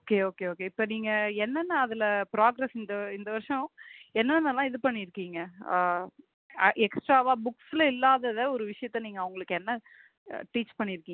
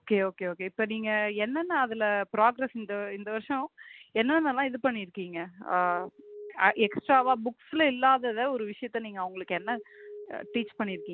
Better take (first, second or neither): first